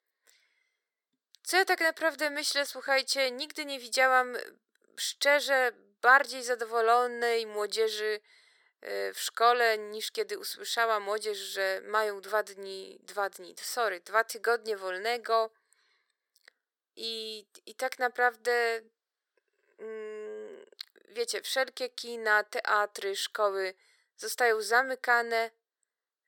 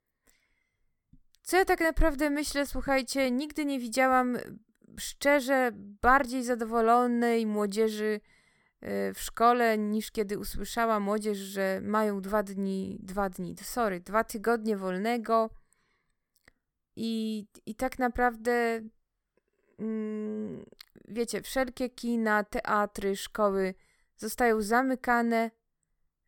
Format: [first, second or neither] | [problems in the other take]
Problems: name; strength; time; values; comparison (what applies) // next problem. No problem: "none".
second | thin; very; fading below 400 Hz